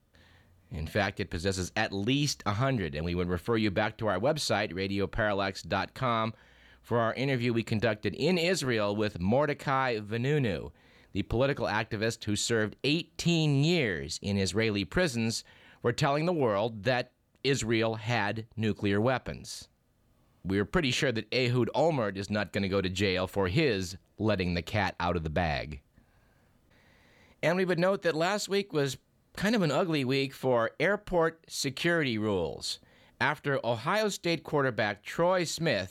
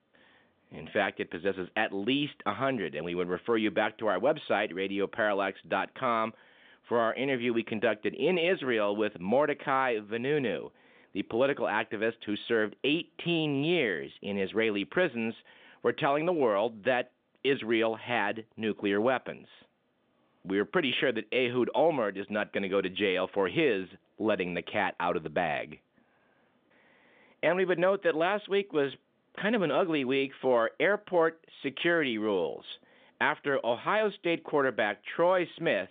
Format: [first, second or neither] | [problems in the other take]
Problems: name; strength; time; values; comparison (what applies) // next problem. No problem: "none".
first | phone-call audio